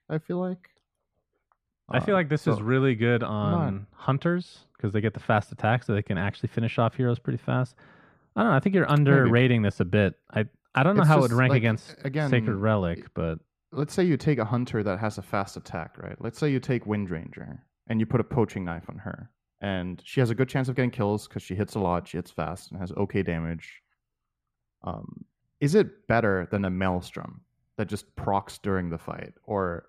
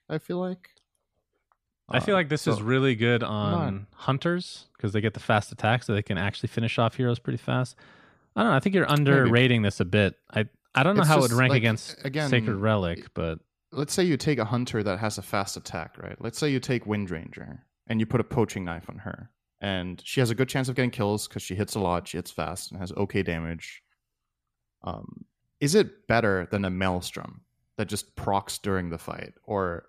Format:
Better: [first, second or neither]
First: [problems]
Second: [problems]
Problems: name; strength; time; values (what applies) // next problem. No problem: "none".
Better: second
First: muffled; slightly; fading above 3 kHz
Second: none